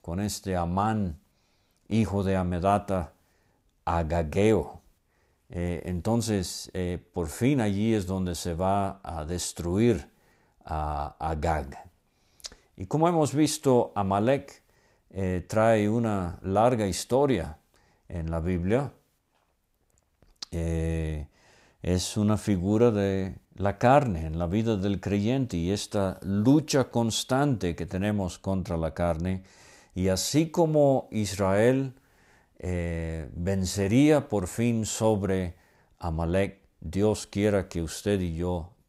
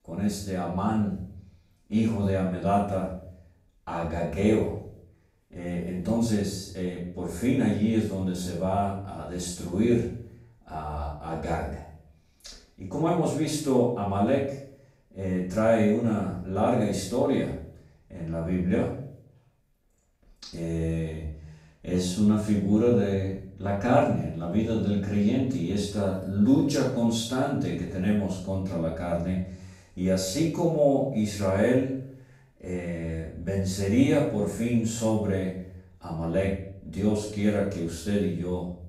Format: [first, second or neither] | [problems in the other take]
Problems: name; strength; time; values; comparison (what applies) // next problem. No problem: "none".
first | room echo; noticeable; dies away in 0.5 s // off-mic speech; far